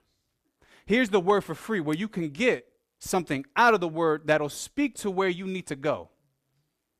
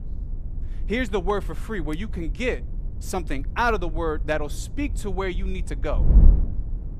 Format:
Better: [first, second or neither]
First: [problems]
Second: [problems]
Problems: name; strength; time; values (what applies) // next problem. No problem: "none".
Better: first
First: none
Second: wind noise on the microphone; occasional gusts; 15 dB below the speech